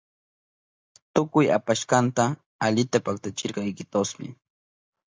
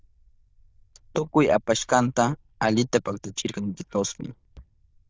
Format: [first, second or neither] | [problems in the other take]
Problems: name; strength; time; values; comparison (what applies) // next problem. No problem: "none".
first | noise reduction (neural diffusion model UNIVERSE++)